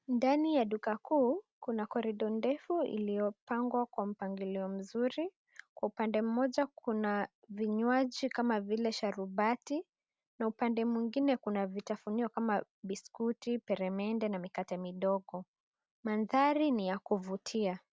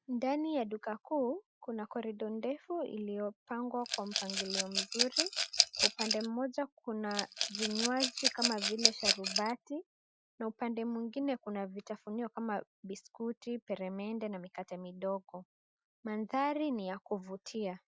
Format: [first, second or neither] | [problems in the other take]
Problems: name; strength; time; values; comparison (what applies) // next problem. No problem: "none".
first | noise reduction (classical method Wiener filter)